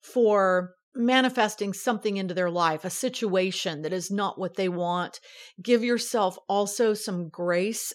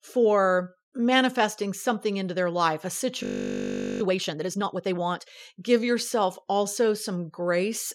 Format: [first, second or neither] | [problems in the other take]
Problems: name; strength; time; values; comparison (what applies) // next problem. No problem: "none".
first | audio freezing; at 3 s for 1 s